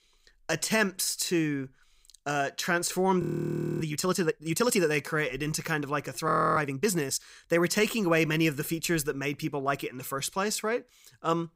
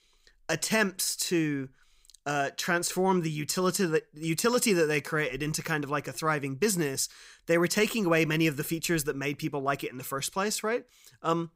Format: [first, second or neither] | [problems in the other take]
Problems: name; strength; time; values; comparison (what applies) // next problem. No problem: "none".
second | audio freezing; at 3 s for 0.5 s and at 6.5 s